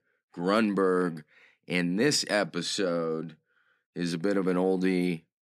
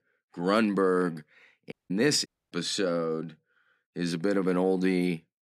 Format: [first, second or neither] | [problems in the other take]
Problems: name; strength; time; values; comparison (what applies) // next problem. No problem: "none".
first | audio cutting out; at 1.5 s and at 2.5 s